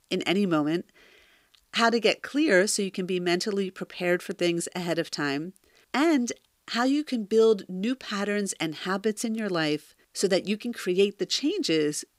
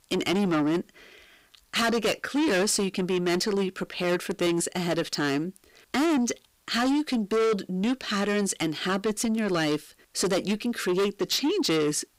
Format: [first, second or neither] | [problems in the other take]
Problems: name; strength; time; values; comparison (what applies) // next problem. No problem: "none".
first | distortion; heavy; 7 dB below the speech